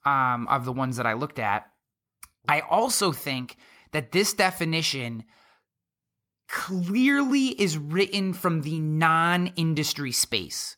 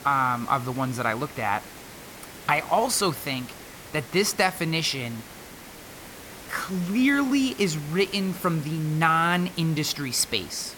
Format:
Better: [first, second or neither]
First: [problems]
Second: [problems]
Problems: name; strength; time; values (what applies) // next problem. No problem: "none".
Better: first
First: none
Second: hiss; noticeable; throughout; 15 dB below the speech